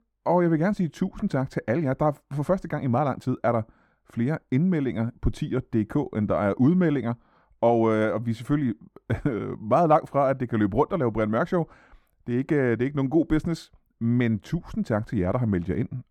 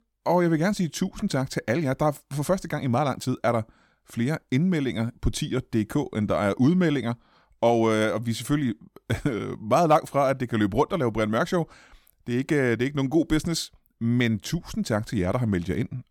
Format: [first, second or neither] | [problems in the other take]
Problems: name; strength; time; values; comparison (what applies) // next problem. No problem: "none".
second | muffled; slightly; fading above 2.5 kHz